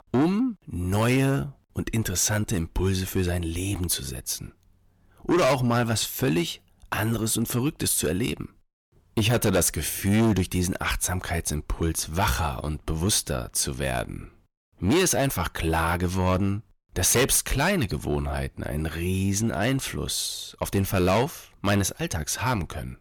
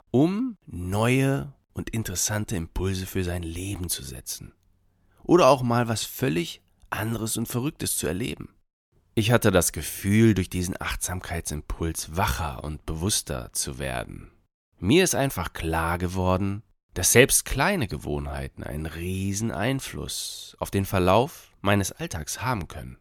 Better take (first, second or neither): second